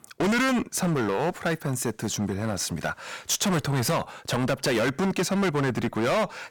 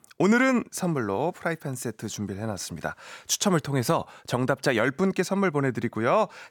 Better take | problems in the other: second | distortion; heavy; 20% of the sound clipped

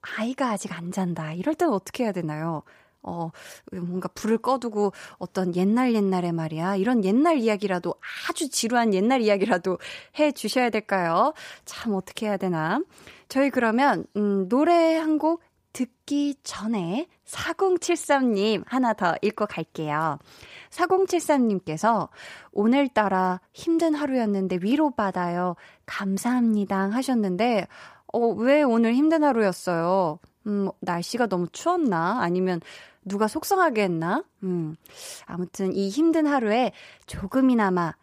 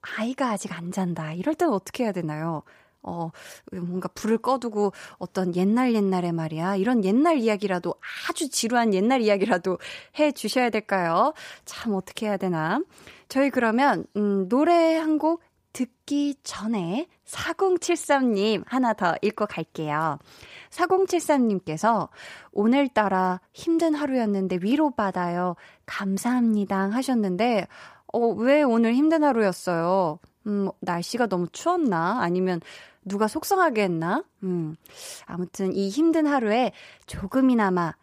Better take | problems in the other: neither | none

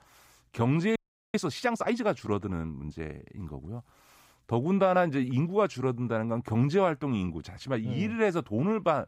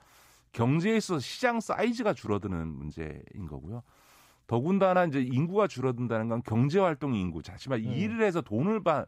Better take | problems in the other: second | audio freezing; at 1 s

